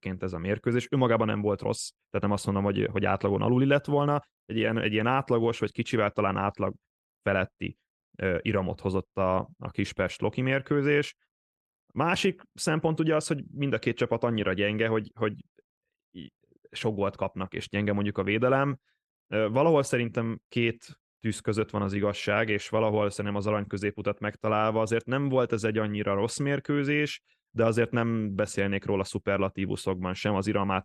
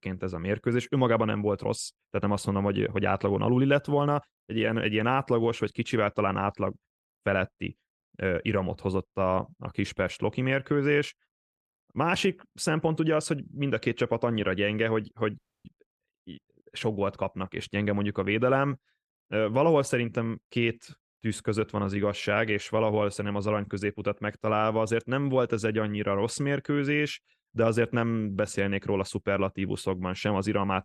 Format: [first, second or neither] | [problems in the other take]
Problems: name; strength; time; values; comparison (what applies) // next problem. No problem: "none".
first | audio freezing; at 15 s